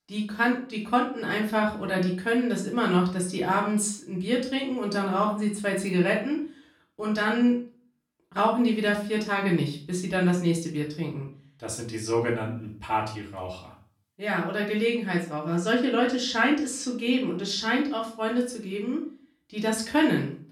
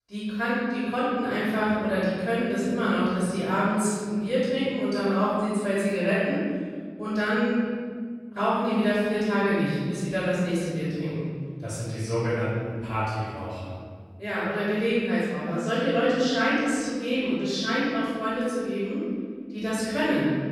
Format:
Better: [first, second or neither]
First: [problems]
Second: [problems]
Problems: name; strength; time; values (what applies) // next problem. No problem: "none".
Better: first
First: room echo; slight; dies away in 0.4 s // off-mic speech; far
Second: room echo; strong; dies away in 2.2 s // off-mic speech; far